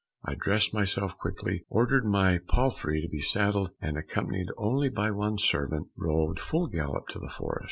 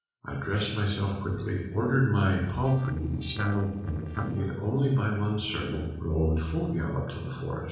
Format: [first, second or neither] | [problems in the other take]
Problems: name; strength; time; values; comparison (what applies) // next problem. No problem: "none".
first | noise reduction (neural separator model SepFormer DNS4)